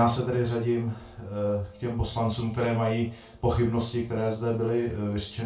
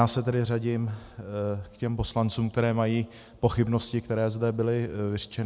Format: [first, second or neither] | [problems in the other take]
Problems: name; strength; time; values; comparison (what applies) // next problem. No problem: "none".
second | room echo; dies away in 0.2 s